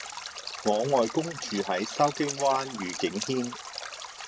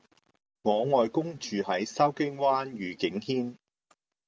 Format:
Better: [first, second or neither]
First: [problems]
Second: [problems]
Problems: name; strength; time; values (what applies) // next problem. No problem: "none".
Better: second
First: background sound (Stream); 9 dB below the speech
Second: none